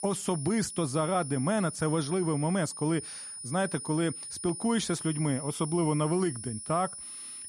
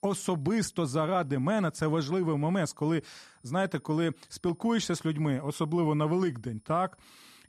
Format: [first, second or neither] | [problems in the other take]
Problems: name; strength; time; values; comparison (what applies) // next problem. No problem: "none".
second | high-pitched whine; loud; throughout; 9.5 kHz, 8 dB below the speech; faint in the second